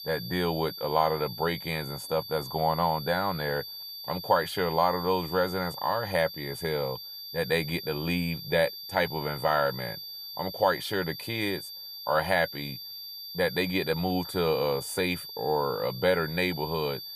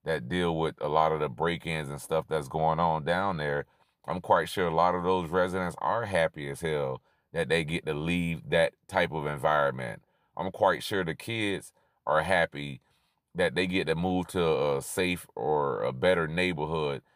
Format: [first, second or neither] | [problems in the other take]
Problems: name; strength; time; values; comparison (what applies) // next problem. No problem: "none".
second | high-pitched whine; loud; throughout; 4.5 kHz, 9 dB below the speech